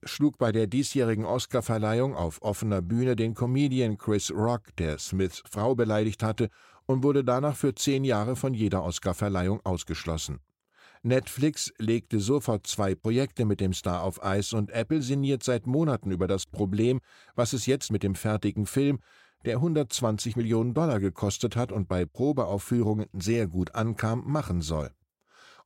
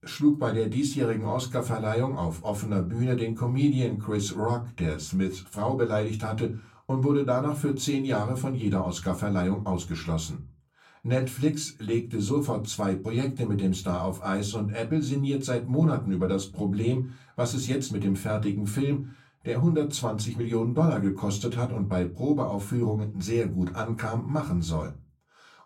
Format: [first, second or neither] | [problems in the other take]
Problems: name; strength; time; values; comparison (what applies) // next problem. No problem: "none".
first | off-mic speech; somewhat distant // room echo; very slight; dies away in 0.3 s